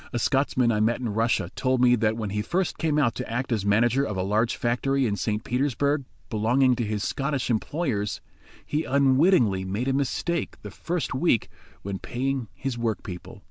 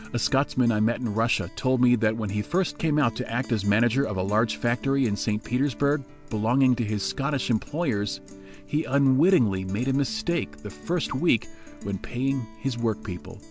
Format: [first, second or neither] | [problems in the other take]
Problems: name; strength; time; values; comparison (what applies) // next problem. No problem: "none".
first | background sound (Guitar); 18 dB below the speech